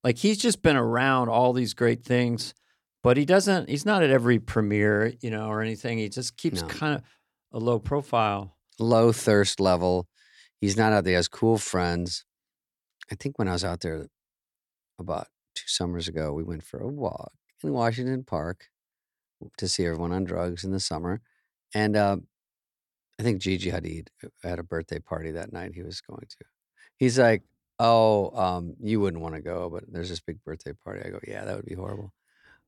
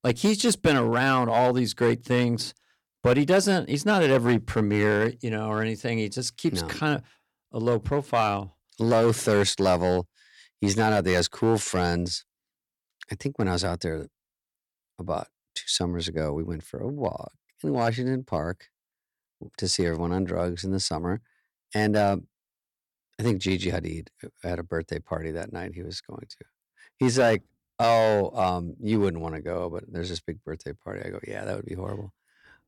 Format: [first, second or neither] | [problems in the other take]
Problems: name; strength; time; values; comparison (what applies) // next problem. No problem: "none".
first | distortion; slight; 2% of the sound clipped